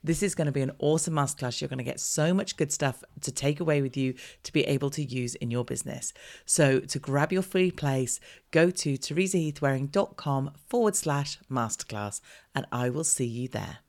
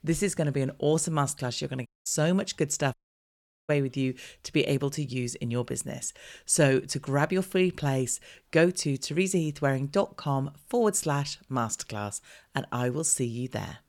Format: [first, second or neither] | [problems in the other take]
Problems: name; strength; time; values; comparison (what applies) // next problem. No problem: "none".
first | audio cutting out; at 2 s and at 3 s for 1 s